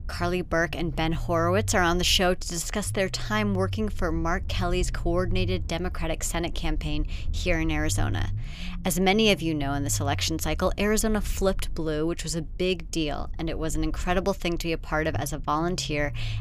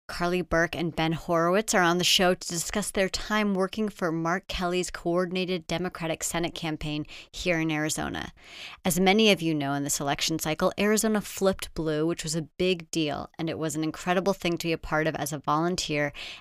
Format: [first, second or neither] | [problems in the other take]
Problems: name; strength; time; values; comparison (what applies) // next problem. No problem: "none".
second | low rumble; faint; throughout; 25 dB below the speech